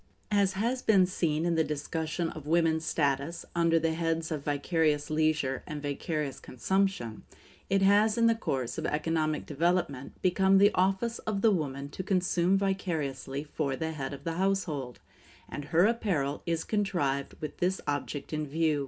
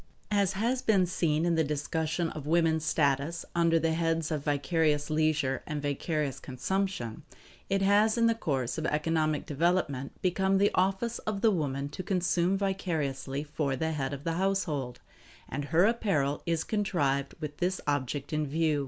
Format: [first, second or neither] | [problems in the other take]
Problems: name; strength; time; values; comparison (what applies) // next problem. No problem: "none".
second | room echo; dies away in 0.3 s